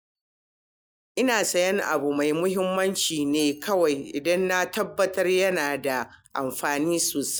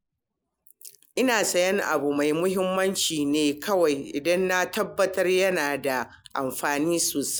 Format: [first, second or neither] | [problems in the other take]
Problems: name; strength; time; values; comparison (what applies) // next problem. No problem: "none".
second | noise reduction (neural mask model DeepFilterNet 3)